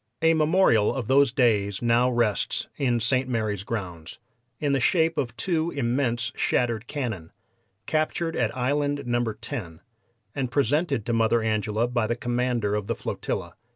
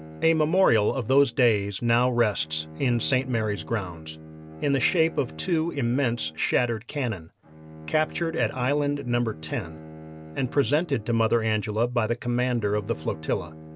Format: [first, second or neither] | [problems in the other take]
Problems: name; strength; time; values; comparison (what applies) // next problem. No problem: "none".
first | background sound (Bowed string instrument); 17 dB below the speech